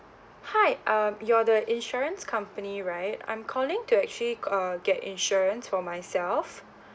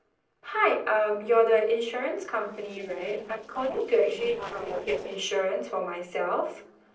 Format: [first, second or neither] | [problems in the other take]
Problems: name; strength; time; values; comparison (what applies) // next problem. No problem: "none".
first | noise reduction (neural separator model SepFormer DNS4)